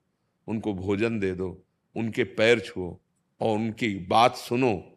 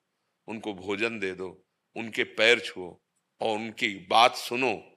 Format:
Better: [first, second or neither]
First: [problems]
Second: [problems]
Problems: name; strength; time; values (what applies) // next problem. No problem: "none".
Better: first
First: none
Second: thin; somewhat; fading below 750 Hz